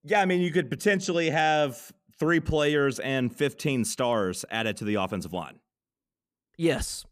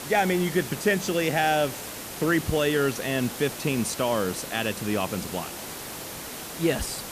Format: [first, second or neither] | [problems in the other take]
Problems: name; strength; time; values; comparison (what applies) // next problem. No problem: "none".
first | hiss; loud; throughout; 9 dB below the speech